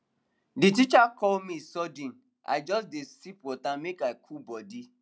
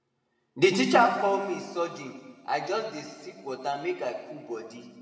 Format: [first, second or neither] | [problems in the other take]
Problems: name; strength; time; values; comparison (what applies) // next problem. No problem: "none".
first | room echo; dies away in 1.6 s